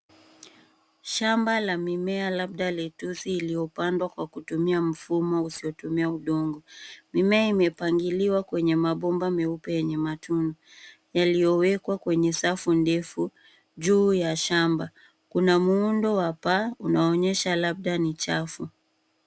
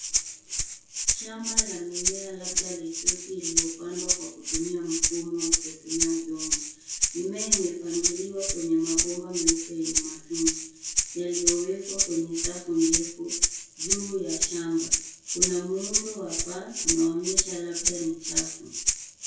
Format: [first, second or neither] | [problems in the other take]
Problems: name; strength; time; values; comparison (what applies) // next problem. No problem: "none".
first | background sound (Rattle (instrument)); 3 dB above the speech // room echo; dies away in 0.6 s